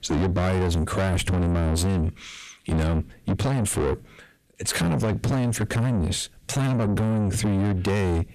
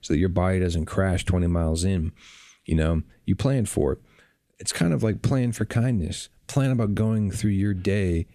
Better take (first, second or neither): second